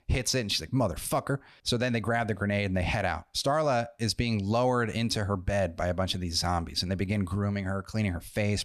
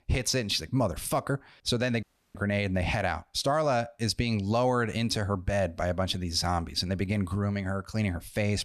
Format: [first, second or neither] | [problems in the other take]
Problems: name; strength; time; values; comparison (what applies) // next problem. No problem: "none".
first | audio cutting out; at 2 s